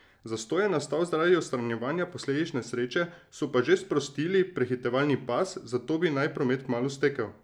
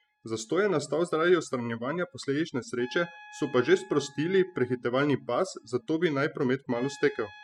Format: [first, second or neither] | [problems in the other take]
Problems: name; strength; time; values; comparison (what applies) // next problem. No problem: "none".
first | noise reduction (classical method spectral subtraction)